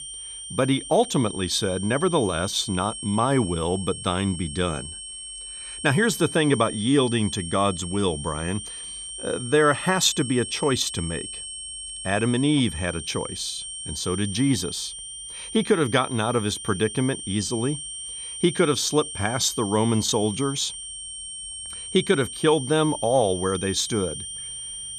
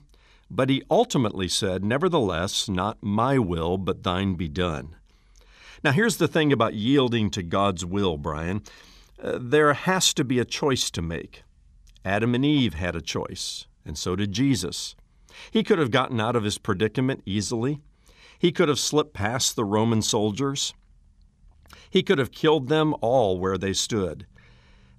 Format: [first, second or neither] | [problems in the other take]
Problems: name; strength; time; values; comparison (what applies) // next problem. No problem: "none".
second | high-pitched whine; loud; throughout; 8.5 kHz, 9 dB below the speech